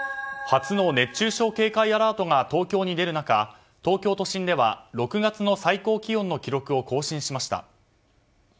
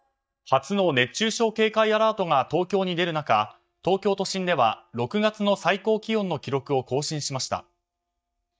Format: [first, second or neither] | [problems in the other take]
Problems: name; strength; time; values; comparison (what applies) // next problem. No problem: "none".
first | noise reduction (neural mask model DeepFilterNet 3)